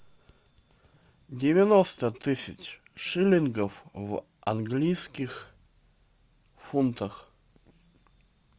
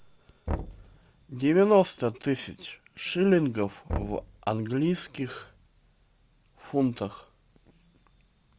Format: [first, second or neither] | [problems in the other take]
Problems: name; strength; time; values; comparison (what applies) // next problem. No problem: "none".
first | background sound (Knock); 11 dB below the speech